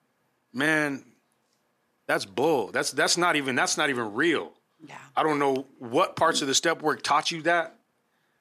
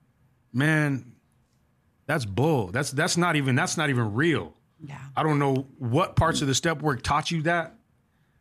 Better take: second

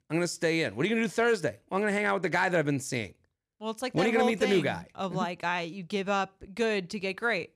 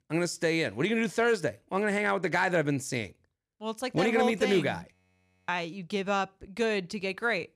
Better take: first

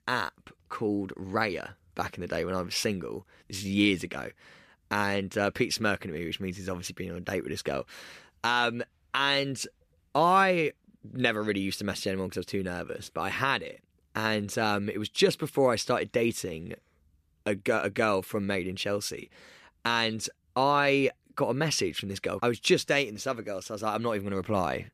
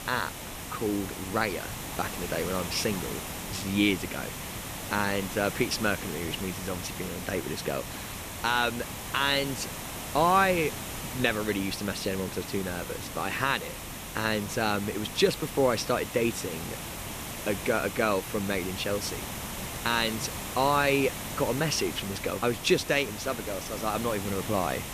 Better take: first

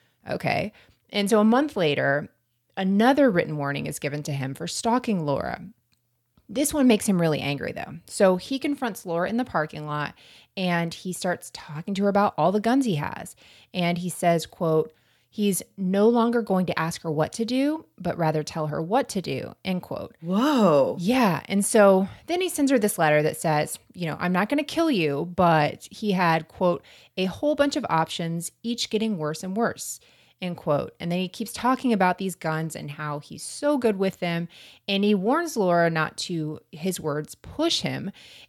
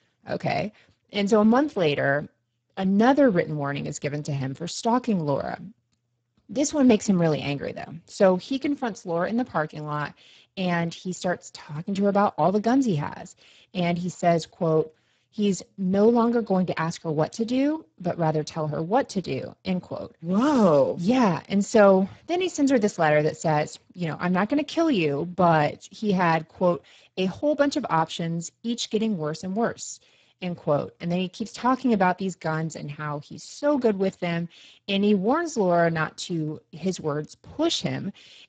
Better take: first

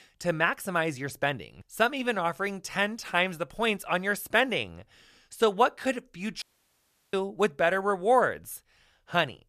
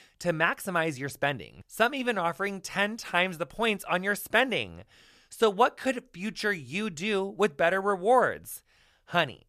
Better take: second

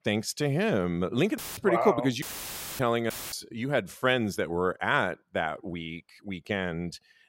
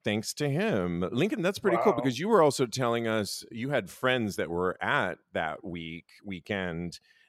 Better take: second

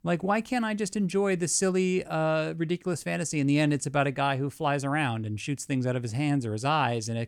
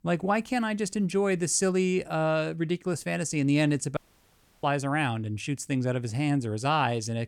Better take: first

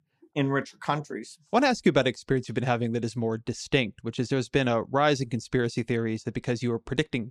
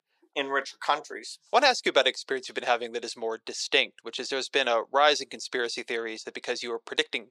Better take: first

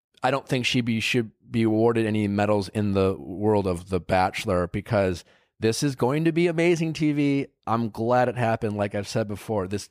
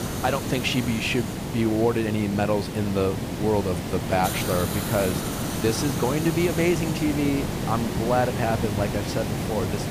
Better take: first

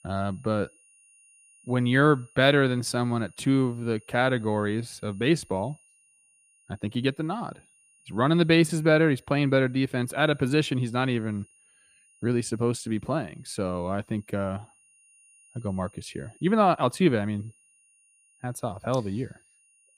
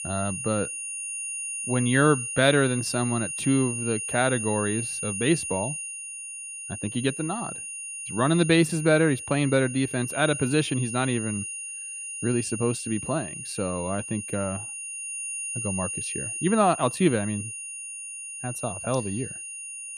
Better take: first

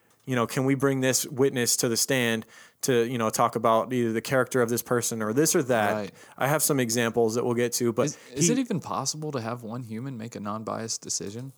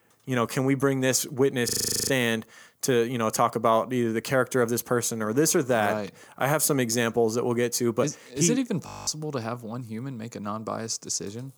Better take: first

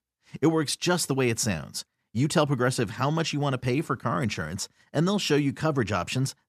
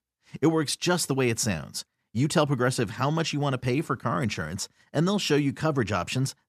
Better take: neither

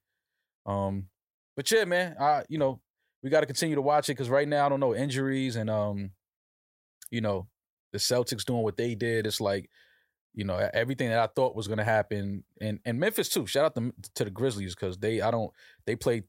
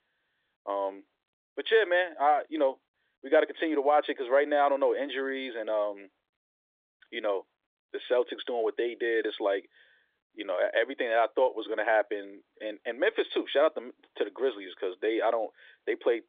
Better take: first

